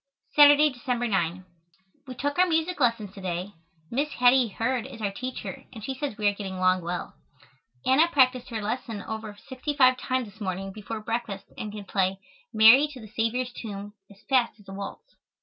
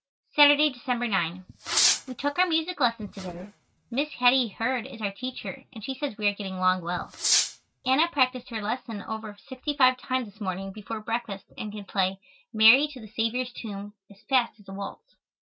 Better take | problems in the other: first | noise reduction (neural mask model RNNoise)

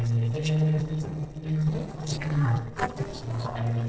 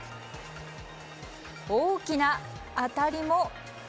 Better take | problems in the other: second | noise reduction (neural separator model SepFormer DNS4)

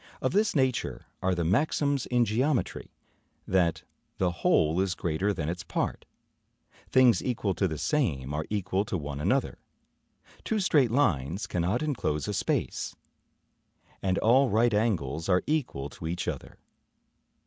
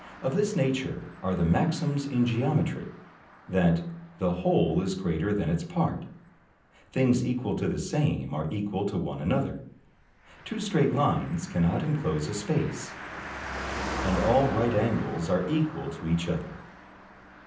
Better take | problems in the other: first | background sound (Car passing by); 14 dB below the speech // room echo; dies away in 0.6 s

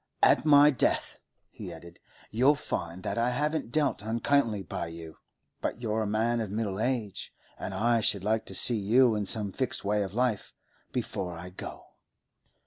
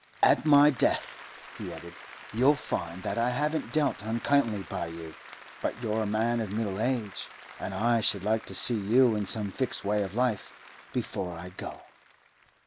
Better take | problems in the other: first | background sound (Applause); 19 dB below the speech

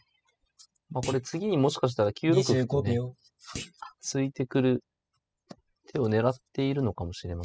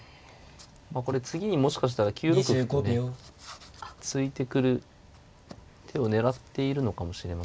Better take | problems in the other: second | noise reduction (classical method spectral subtraction)

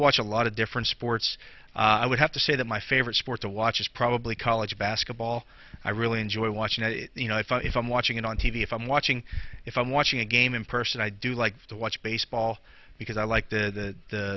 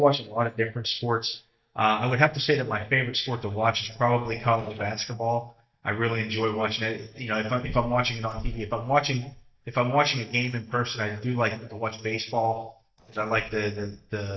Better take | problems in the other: first | noise reduction (neural mask model DeepFilterNet 3)

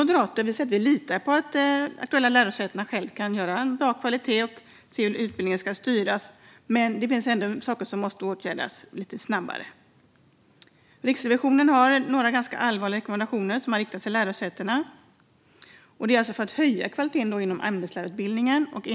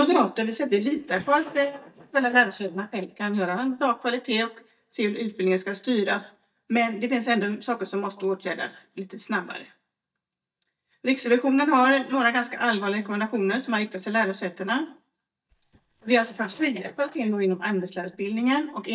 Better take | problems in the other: first | noise reduction (neural mask model DeepFilterNet 3)

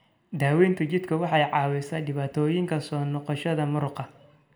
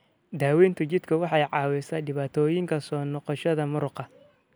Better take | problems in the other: second | room echo; dies away in 0.5 s

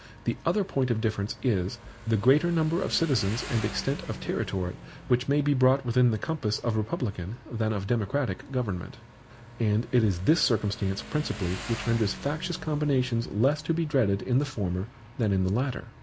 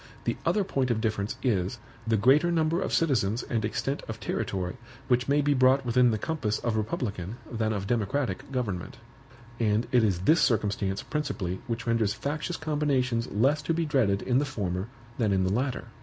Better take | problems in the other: second | background sound (Motorcycle); 18 dB below the speech

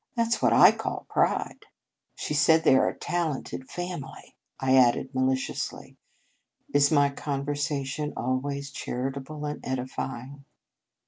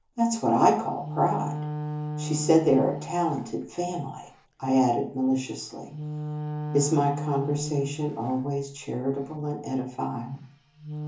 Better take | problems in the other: first | background sound (Wind instrument, woodwind instrument); 9 dB below the speech // room echo; dies away in 0.8 s

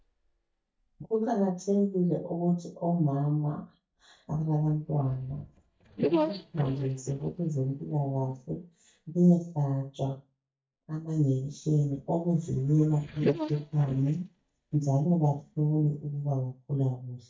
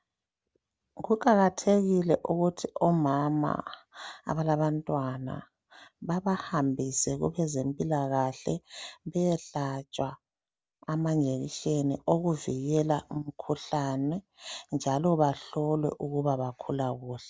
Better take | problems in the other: second | noise reduction (neural mask model DeepFilterNet 3)

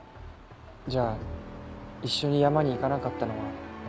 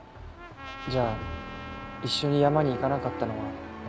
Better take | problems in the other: first | background sound (Trumpet); 14 dB below the speech

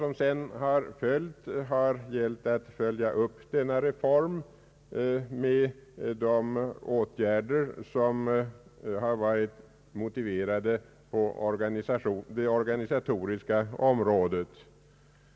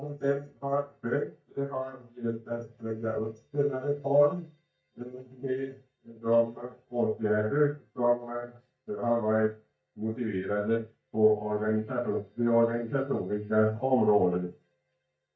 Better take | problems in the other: first | noise reduction (neural mask model DeepFilterNet 3)

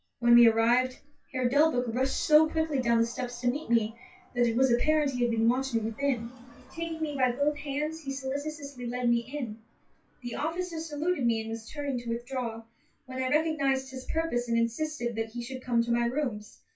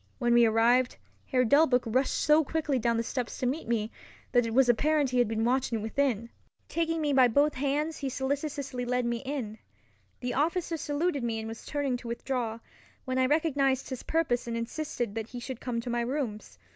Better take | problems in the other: second | noise reduction (classical method WPE with log-MMSE)

